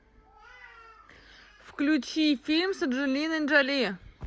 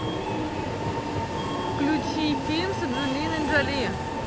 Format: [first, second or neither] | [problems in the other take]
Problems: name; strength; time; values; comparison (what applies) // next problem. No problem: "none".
first | background sound (Subway, metro, underground); 2 dB above the speech